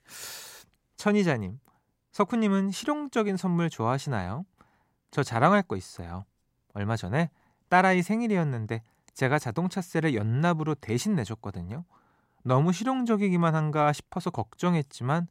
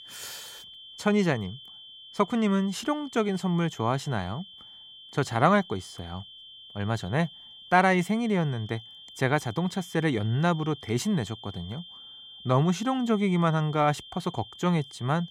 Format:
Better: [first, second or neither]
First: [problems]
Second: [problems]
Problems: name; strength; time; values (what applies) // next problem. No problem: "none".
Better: first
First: none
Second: high-pitched whine; noticeable; throughout; 3 kHz, 15 dB below the speech